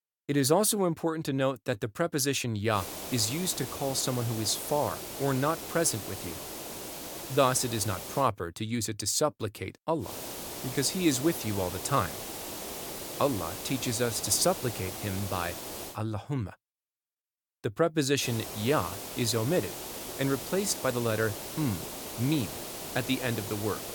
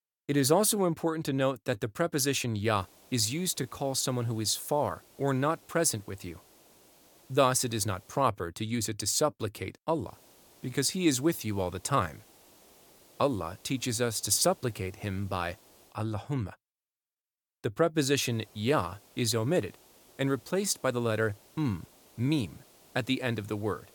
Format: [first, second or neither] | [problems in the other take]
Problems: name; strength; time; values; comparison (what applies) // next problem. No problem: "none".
second | hiss; loud; from 2.5 to 8 s, from 10 to 16 s and from 18 s on; 8 dB below the speech; faint in the second